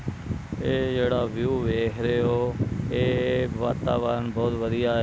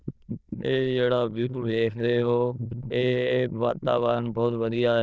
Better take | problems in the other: first | noise reduction (neural diffusion model UNIVERSE++)

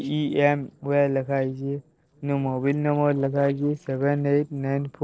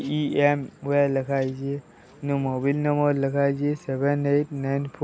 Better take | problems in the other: second | noise reduction (neural separator model SepFormer DNS4)

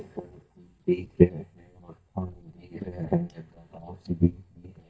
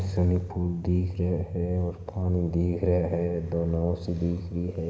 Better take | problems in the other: second | noise reduction (neural mask model DeepFilterNet 3)

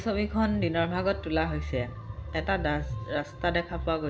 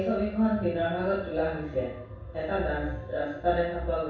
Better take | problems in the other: first | room echo; dies away in 0.7 s

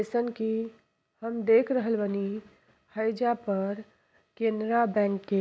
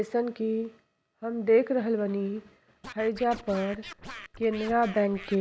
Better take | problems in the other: first | background sound (Scratching (performance technique)); 15 dB below the speech

